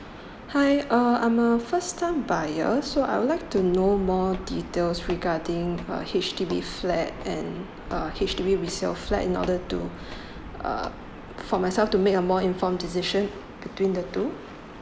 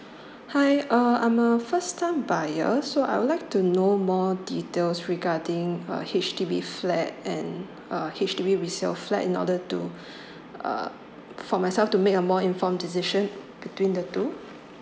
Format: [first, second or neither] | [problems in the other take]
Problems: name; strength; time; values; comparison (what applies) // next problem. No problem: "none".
second | background sound (Gull, seagull / Ocean + Walk, footsteps); 14 dB below the speech